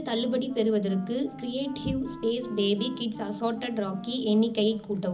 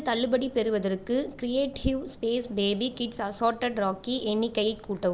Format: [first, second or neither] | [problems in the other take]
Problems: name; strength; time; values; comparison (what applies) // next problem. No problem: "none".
second | background sound (Wind instrument, woodwind instrument); 15 dB below the speech // room echo; dies away in 0.4 s